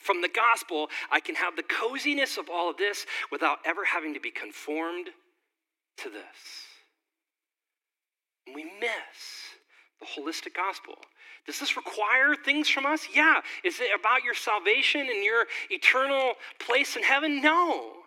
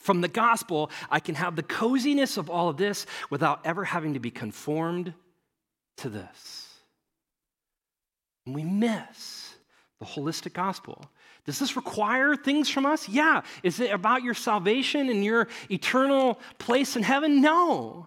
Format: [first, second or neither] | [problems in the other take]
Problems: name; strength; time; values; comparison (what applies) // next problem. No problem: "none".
second | thin; somewhat; fading below 300 Hz